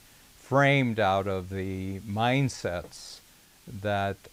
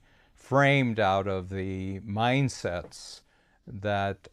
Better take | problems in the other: second | hiss; faint; throughout; 25 dB below the speech

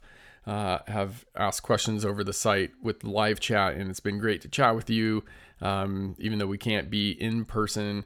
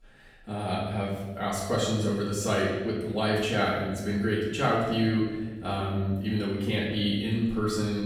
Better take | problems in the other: first | off-mic speech; far // room echo; noticeable; dies away in 1.4 s

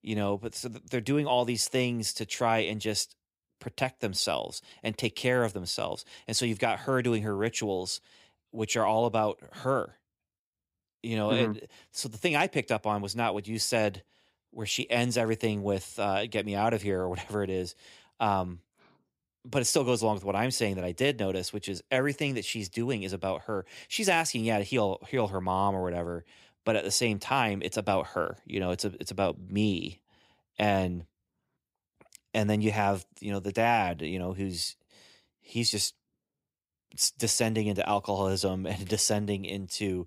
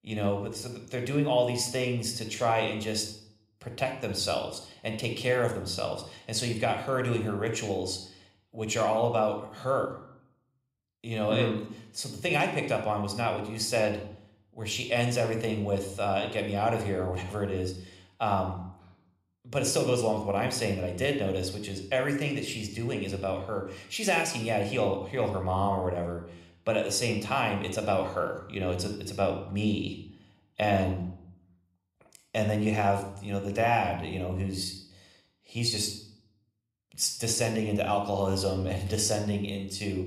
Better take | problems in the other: first | room echo; slight; dies away in 0.6 s

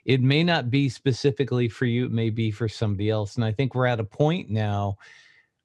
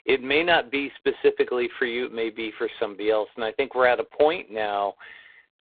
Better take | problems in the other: first | phone-call audio; poor line; nothing above 3.5 kHz

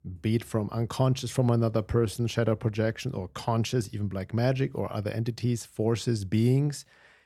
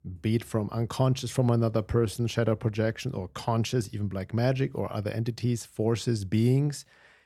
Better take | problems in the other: neither | none

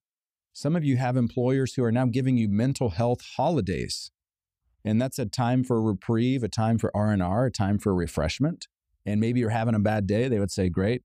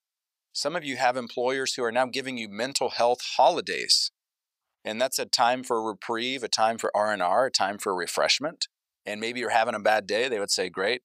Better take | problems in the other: first | thin; very; fading below 800 Hz

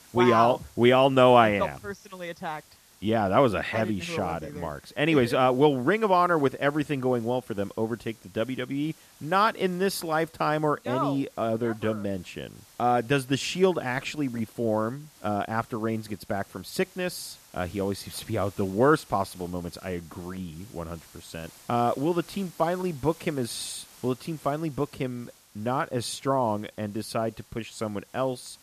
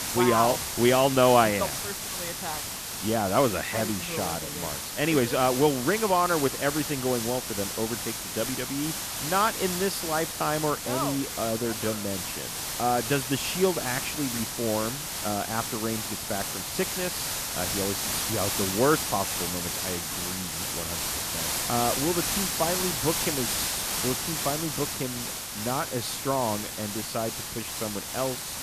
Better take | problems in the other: first | hiss; loud; throughout; 2 dB below the speech; faint in the first

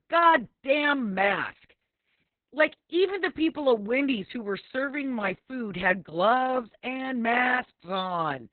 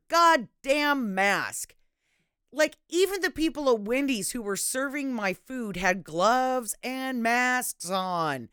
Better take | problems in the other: second | garbled, watery; badly; nothing above 4 kHz

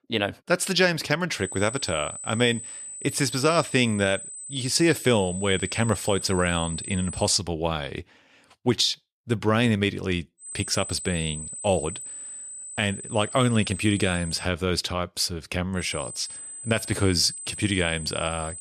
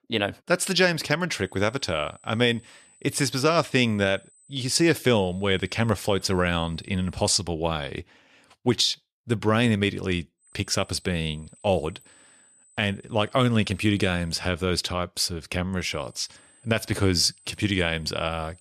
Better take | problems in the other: second | high-pitched whine; loud; from 1.5 to 7.5 s, from 10 to 14 s and from 16 s on; 8 kHz, 10 dB below the speech; faint in the second

